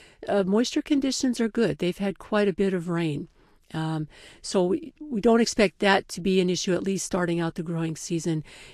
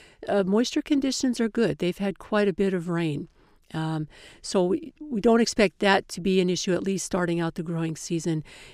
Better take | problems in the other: second | garbled, watery; slightly; nothing above 11.5 kHz

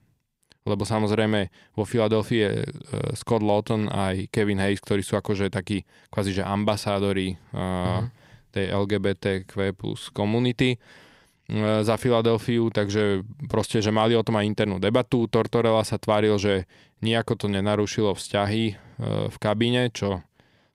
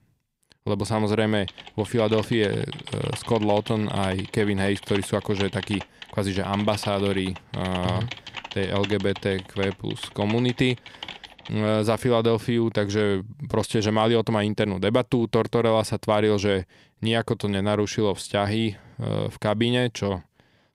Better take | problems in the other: first | keyboard typing; noticeable; from 1.5 to 11 s; peak 9 dB below the speech

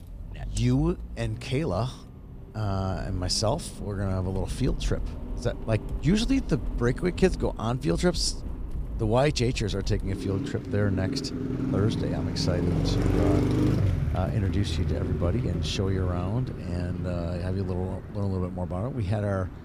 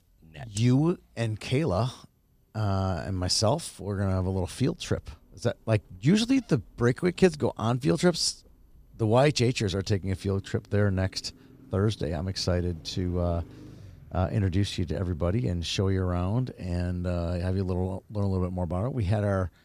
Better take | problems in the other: second | traffic noise; loud; throughout; 4 dB below the speech; faint in the second

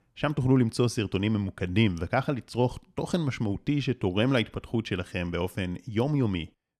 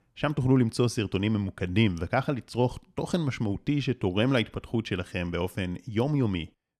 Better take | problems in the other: neither | none

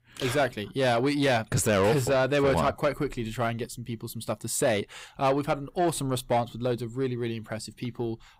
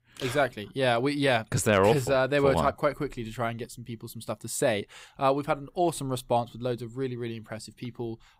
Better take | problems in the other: second | distortion; slight; 10 dB below the speech

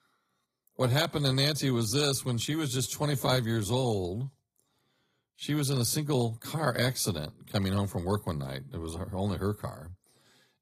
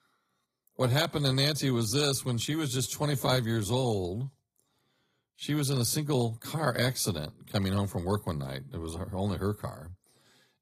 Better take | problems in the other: neither | garbled, watery; slightly; nothing above 14.5 kHz; the same in both

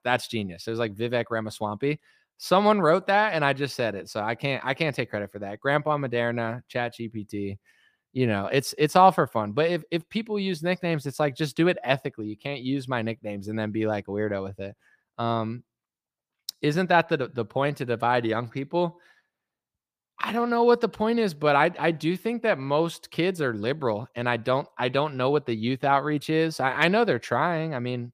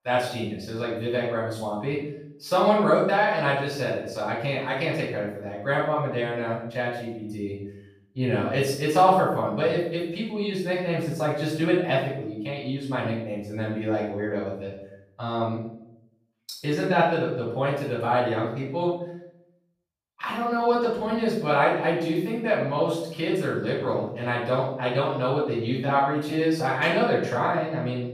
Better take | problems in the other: first | off-mic speech; far // room echo; noticeable; dies away in 0.6 s

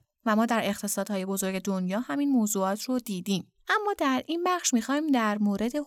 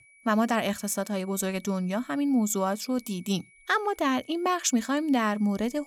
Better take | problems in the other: first | high-pitched whine; faint; throughout; 2.5 kHz, 25 dB below the speech

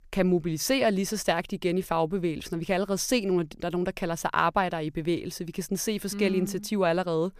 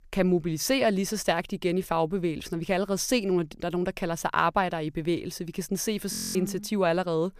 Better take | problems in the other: first | audio freezing; at 6 s

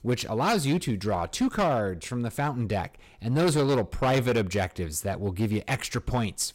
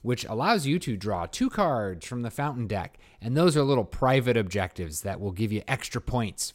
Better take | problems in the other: second | distortion; slight; 8% of the sound clipped

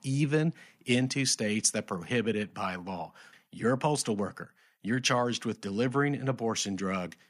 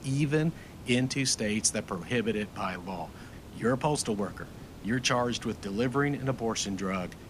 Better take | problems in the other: first | hiss; noticeable; throughout; 15 dB below the speech

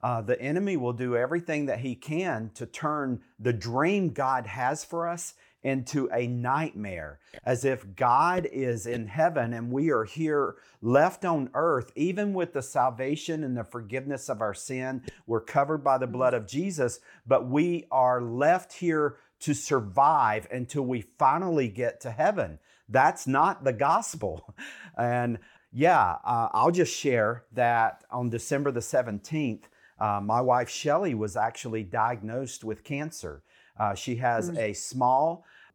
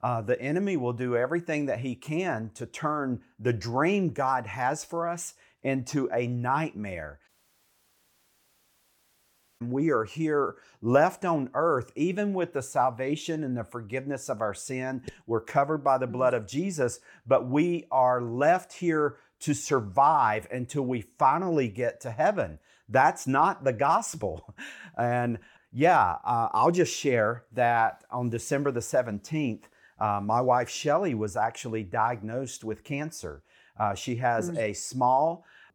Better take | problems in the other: first | audio cutting out; at 7.5 s for 2.5 s

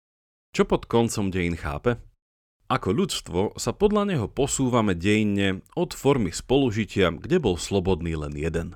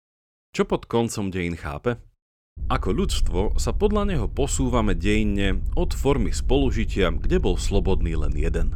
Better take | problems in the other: first | low rumble; faint; from 2.5 s on; 20 dB below the speech

